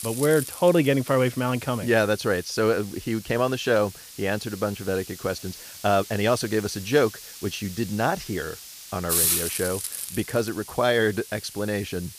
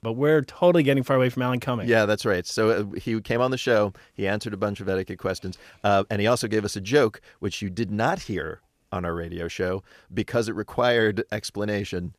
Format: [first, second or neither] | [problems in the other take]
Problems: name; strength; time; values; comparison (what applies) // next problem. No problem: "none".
second | hiss; loud; throughout; 7 dB below the speech